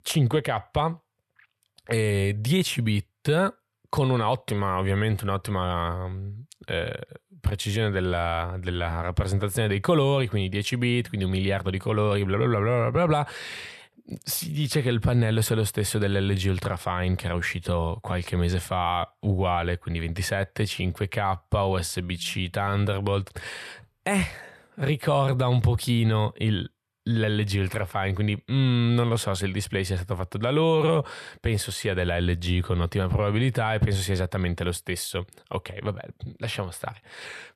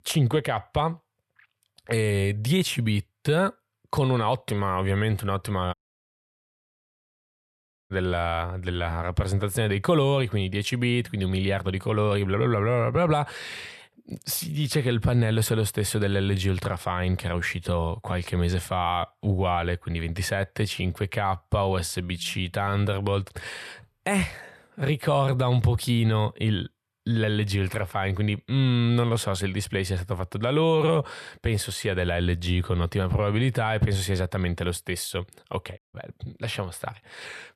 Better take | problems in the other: first | audio cutting out; at 5.5 s for 2 s and at 36 s

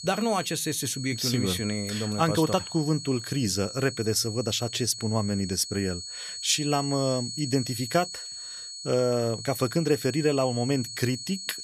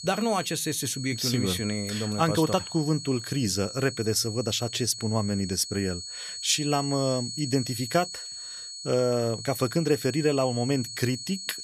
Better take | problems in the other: neither | high-pitched whine; loud; throughout; 4.5 kHz, 8 dB below the speech; the same in both

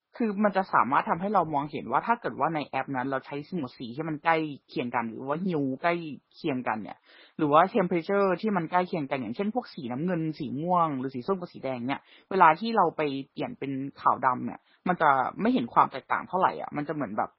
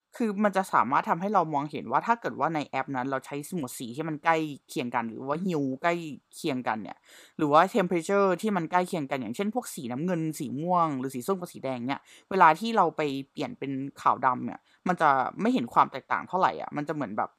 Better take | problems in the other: second | garbled, watery; badly; nothing above 5.5 kHz

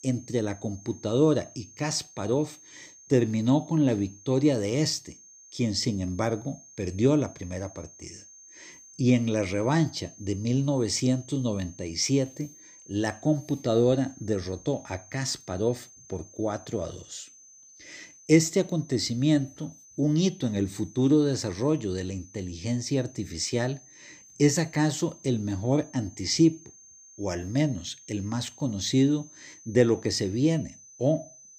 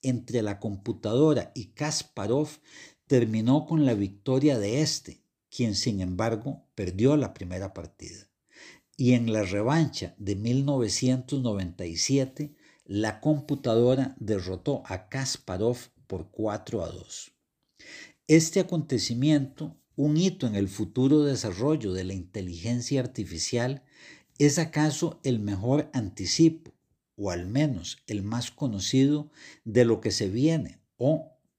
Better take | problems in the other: second | high-pitched whine; faint; throughout; 6.5 kHz, 20 dB below the speech

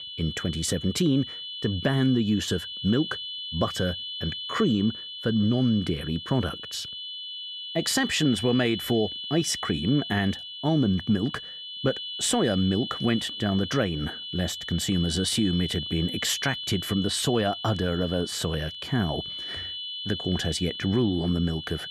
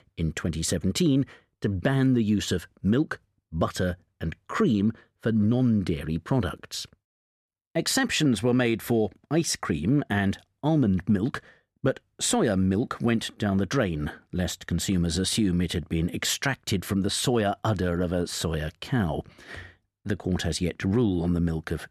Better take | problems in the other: second | high-pitched whine; loud; throughout; 3 kHz, 7 dB below the speech

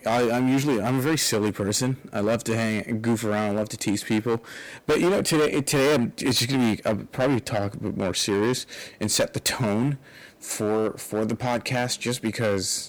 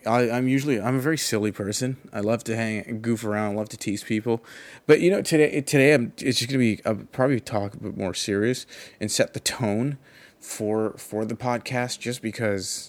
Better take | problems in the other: second | distortion; heavy; 12% of the sound clipped

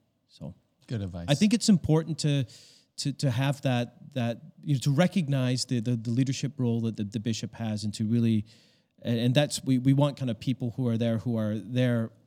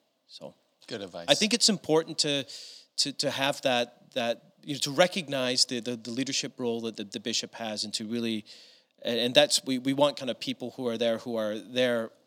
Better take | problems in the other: first | thin; somewhat; fading below 450 Hz

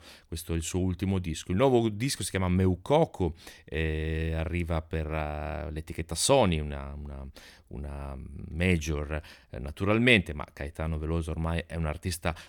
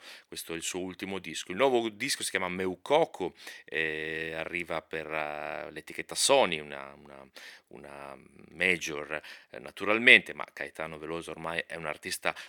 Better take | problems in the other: first | thin; somewhat; fading below 350 Hz

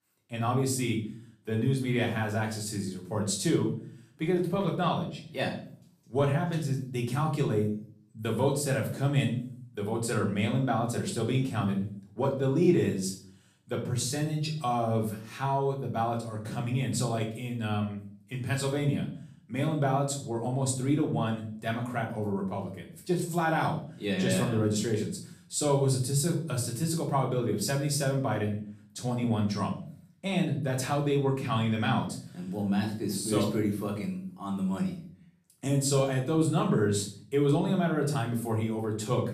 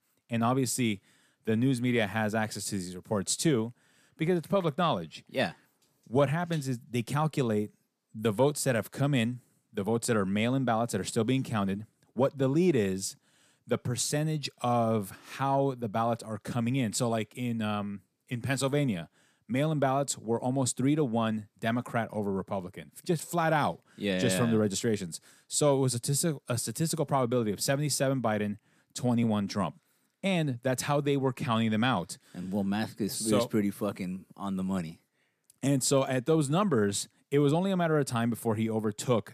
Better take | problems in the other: second | room echo; slight; dies away in 0.5 s // off-mic speech; far

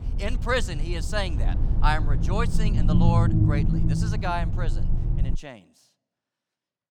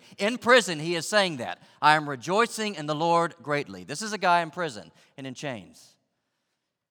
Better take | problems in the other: second | low rumble; very faint; until 5.5 s; 7 dB below the speech

